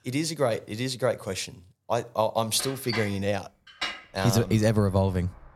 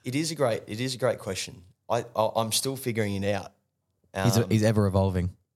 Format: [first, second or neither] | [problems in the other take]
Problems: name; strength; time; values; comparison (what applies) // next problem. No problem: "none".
second | traffic noise; noticeable; from 2.5 s on; 10 dB below the speech